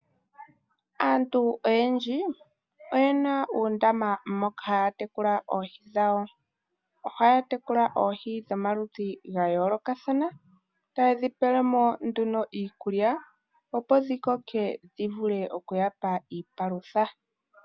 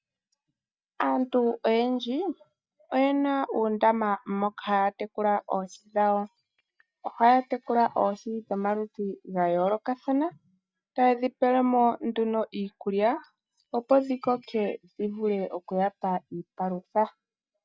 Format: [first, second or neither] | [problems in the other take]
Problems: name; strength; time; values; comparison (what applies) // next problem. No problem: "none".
first | noise reduction (neural mask model DeepFilterNet 3)